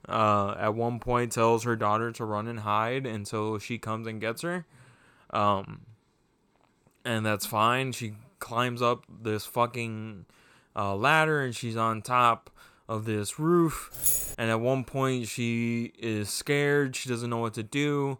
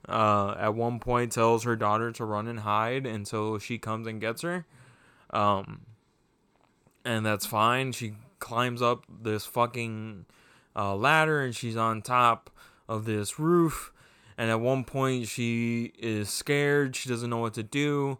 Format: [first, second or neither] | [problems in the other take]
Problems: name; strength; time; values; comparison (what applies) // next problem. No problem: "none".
second | jangling keys; loud; at 14 s; peak 4 dB above the speech